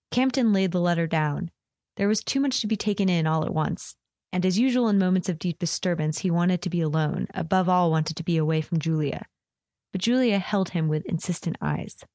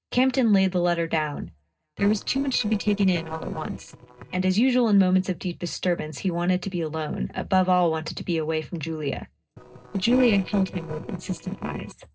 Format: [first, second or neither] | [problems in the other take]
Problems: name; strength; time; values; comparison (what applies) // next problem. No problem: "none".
first | noise reduction (neural separator model SepFormer DNS4)